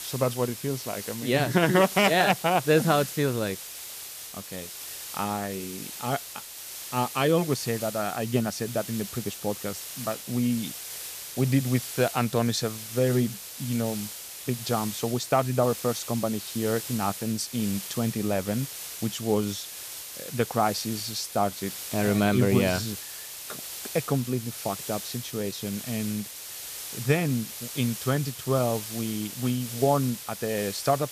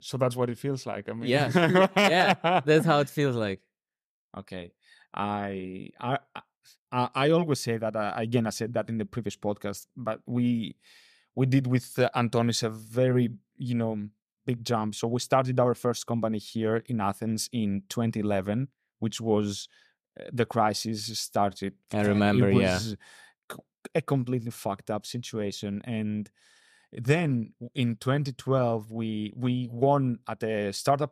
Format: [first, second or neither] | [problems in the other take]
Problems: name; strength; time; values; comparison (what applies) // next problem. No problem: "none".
second | hiss; loud; throughout; 9 dB below the speech